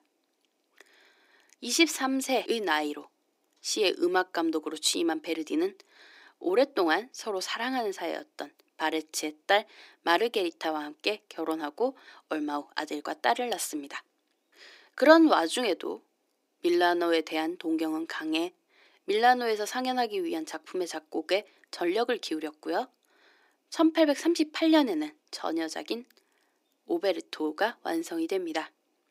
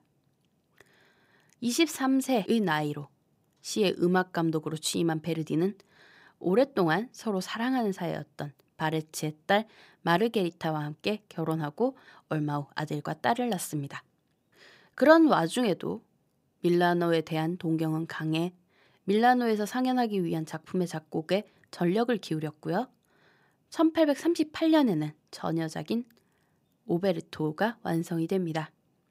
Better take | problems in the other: second | thin; somewhat; fading below 300 Hz

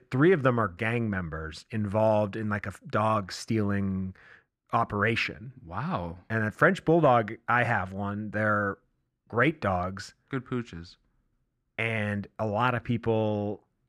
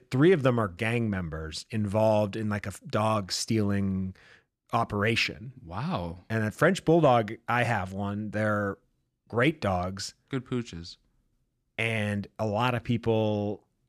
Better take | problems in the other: second | muffled; slightly; fading above 3 kHz

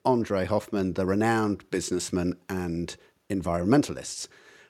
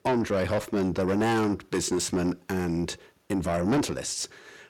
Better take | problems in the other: first | distortion; heavy; 8 dB below the speech

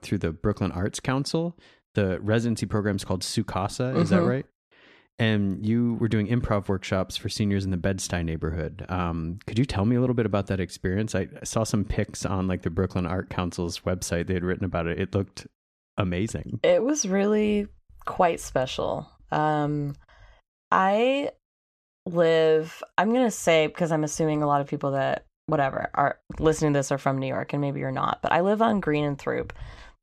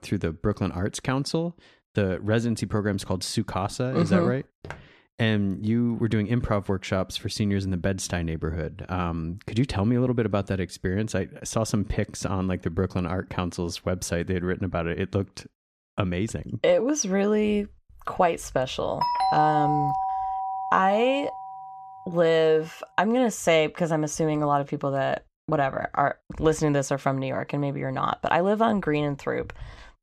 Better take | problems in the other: first | footsteps; faint; at 4.5 s; peak 15 dB below the speech // doorbell; loud; from 19 to 22 s; peak 3 dB above the speech

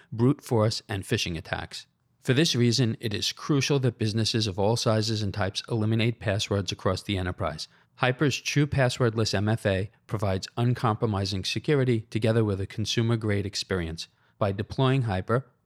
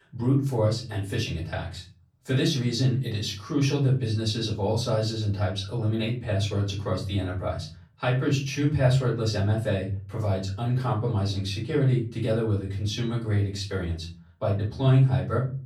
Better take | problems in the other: first | off-mic speech; far // room echo; slight; dies away in 0.5 s

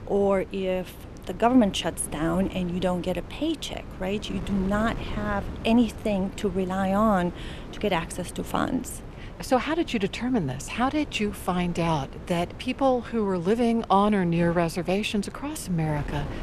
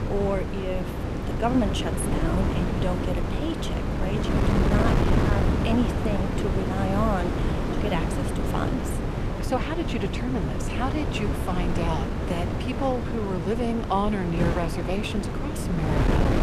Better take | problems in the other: first | wind noise on the microphone; heavy; 1 dB below the speech; occasional gusts in the first

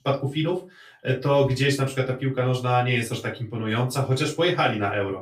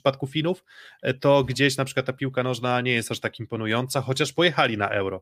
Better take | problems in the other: second | off-mic speech; far // room echo; very slight; dies away in 0.2 s

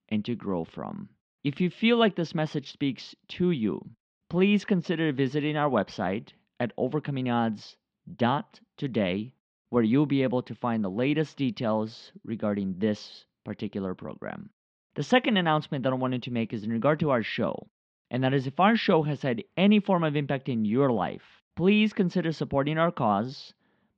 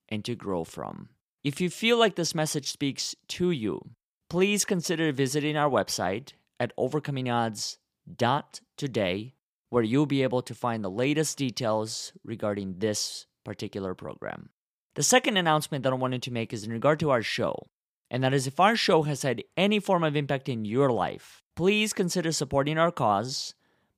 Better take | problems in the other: second | muffled; slightly; fading above 3.5 kHz

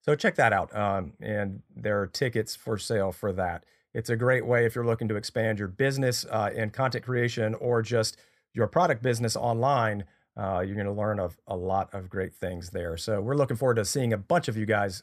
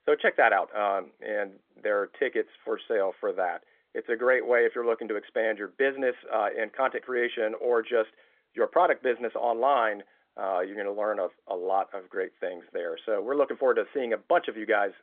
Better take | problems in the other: first | phone-call audio; nothing above 3.5 kHz

